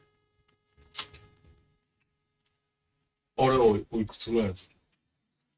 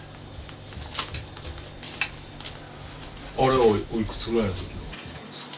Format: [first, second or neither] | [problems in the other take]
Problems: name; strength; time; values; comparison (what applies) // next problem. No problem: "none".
second | noise reduction (neural mask model RNNoise)